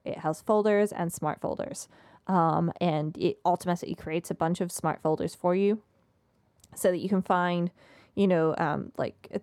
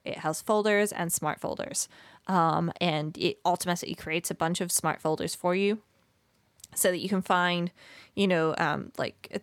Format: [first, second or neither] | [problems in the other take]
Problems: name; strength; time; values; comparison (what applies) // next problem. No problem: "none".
second | muffled; slightly; fading above 1.5 kHz